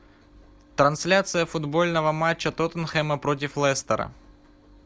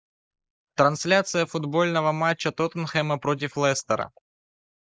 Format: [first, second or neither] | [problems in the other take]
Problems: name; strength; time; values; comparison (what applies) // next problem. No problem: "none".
first | noise reduction (neural mask model Resemble Enhance denoiser)